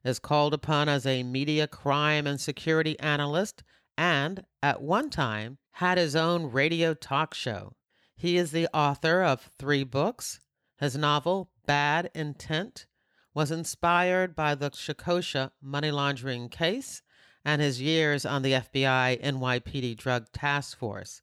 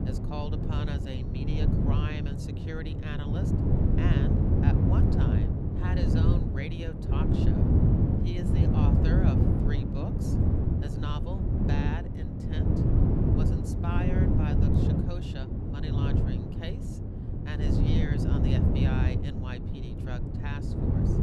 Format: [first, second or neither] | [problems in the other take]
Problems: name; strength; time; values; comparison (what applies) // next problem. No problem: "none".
first | wind noise on the microphone; heavy; 4 dB above the speech